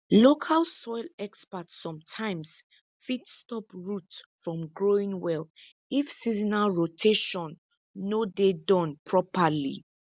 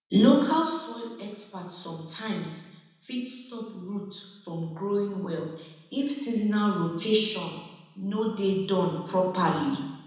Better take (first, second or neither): first